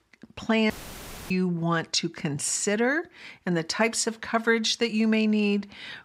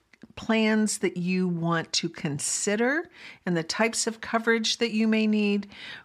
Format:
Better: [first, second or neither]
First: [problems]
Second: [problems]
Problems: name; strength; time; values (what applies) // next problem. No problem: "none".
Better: second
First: audio cutting out; filled with static; at 0.5 s for 0.5 s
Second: none